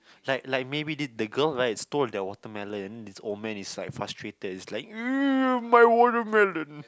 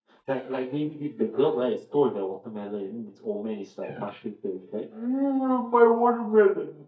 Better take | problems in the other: first | noise reduction (neural mask model DeepFilterNet 3)

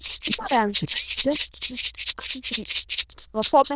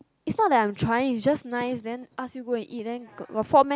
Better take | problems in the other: second | noise reduction (neural diffusion model UNIVERSE++)

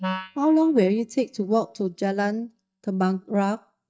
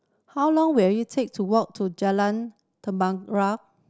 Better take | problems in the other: second | noise reduction (neural mask model DeepFilterNet 3)

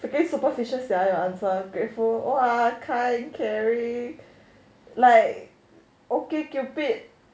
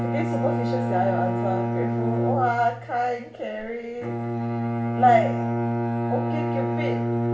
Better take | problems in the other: first | background sound (Bowed string instrument); 1 dB above the speech // room echo; dies away in 0.9 s

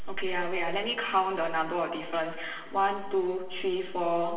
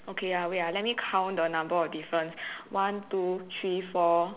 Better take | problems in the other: second | room echo; dies away in 1.1 s

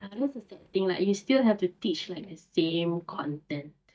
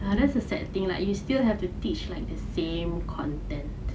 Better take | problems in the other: second | noise reduction (neural mask model DeepFilterNet 3)

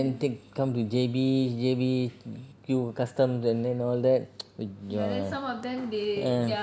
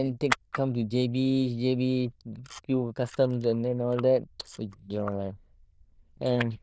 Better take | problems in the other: first | noise reduction (neural diffusion model UNIVERSE++)

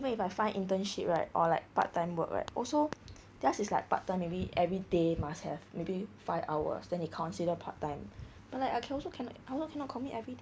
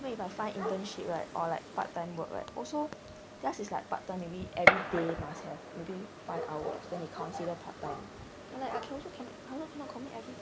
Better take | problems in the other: first | background sound (Gunshot, gunfire); 1 dB above the speech

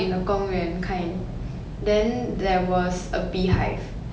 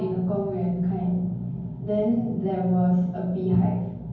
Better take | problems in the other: first | room echo; dies away in 0.9 s

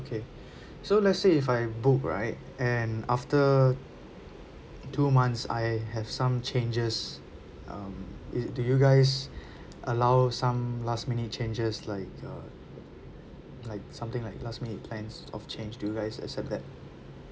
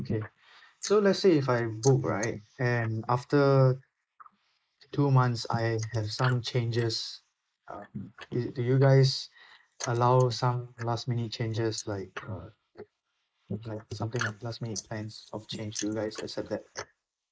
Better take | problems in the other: first | noise reduction (neural mask model Resemble Enhance denoiser)

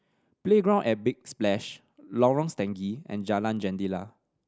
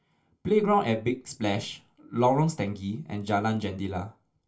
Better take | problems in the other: first | room echo; dies away in 0.2 s

